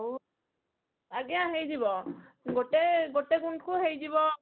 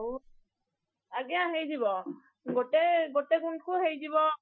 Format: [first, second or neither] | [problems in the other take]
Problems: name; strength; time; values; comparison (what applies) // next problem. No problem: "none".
first | noise reduction (classical method Wiener filter)